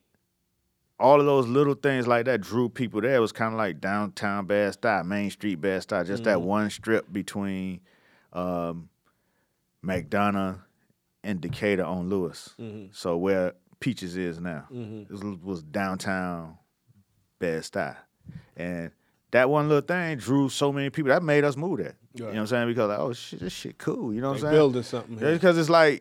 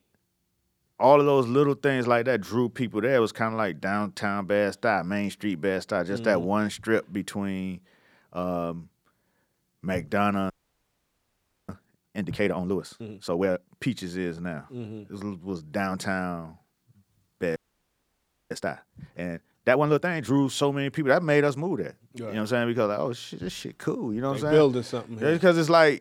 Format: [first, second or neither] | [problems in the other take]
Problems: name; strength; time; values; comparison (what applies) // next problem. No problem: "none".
first | audio freezing; at 11 s for 1 s and at 18 s for 1 s